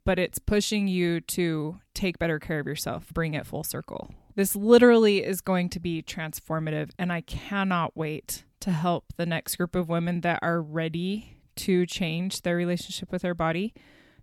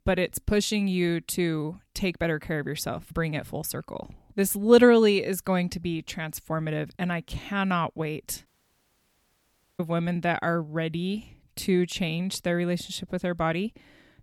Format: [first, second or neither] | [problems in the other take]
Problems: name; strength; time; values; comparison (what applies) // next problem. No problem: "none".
first | audio cutting out; at 8.5 s for 1.5 s